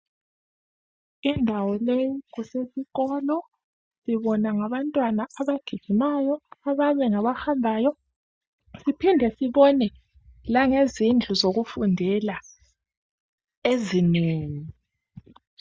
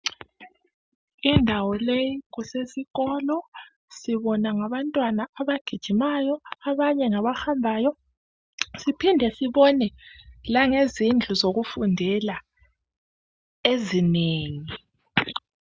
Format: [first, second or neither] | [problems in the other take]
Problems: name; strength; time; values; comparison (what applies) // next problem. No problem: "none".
second | noise reduction (neural mask model DeepFilterNet 3)